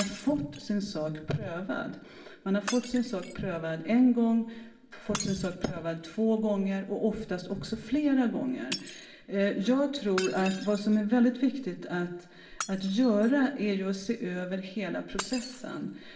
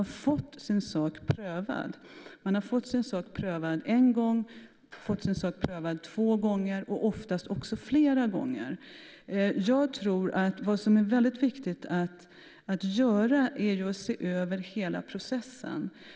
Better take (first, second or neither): second